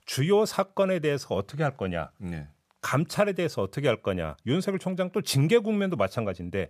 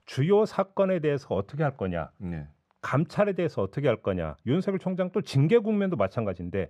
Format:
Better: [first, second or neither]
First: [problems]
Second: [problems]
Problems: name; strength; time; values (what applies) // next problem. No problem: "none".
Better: first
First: none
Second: muffled; slightly; fading above 1.5 kHz